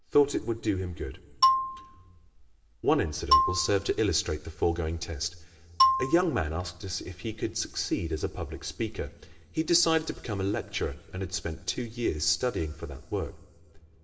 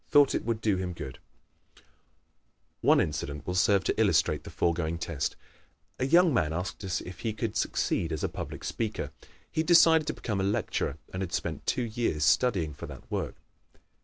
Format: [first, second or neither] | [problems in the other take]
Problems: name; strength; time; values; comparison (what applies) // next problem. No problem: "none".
second | background sound (Marimba, xylophone); 1 dB above the speech // room echo; dies away in 2.6 s